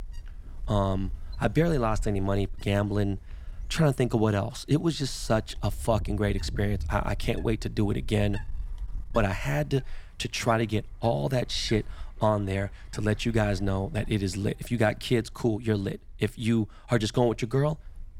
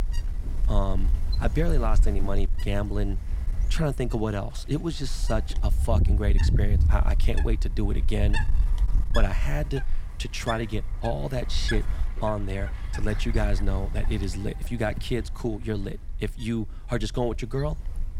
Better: first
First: wind noise on the microphone; occasional gusts; 25 dB below the speech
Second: wind noise on the microphone; heavy; 9 dB below the speech

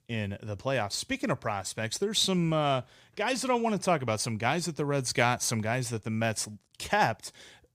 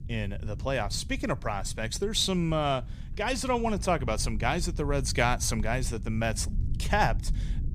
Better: first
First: none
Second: low rumble; faint; throughout; 20 dB below the speech

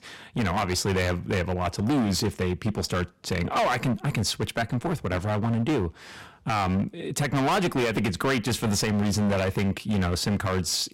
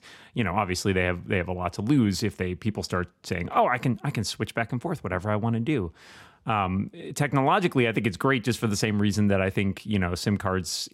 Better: second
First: distortion; heavy; 16% of the sound clipped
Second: none

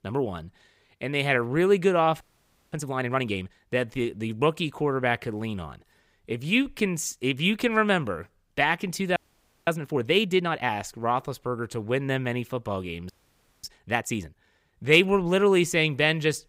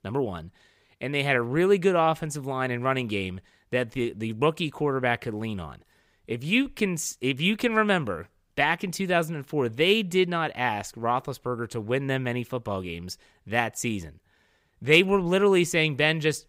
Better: second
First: audio freezing; at 2 s for 0.5 s, at 9 s for 0.5 s and at 13 s for 0.5 s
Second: none

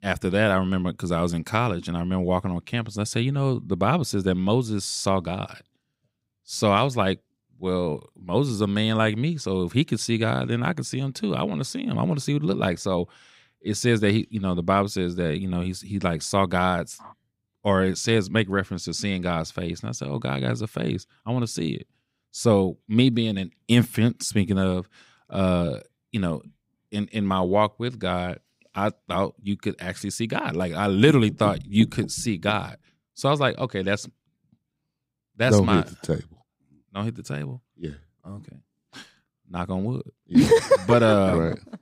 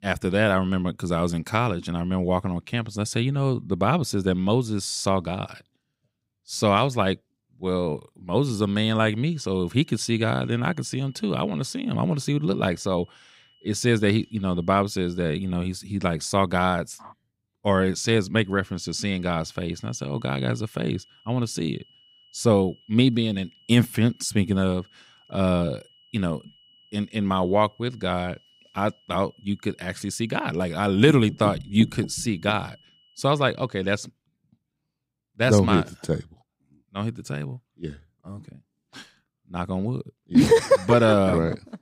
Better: first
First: none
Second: high-pitched whine; faint; from 8.5 to 16 s and from 18 to 34 s; 3 kHz, 30 dB below the speech

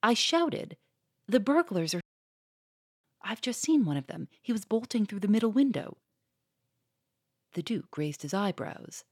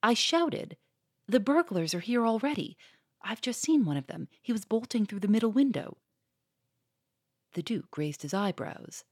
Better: second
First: audio cutting out; at 2 s for 1 s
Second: none

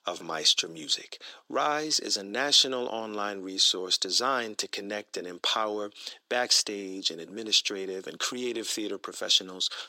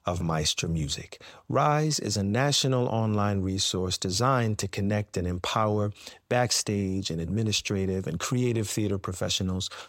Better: second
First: thin; somewhat; fading below 300 Hz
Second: none

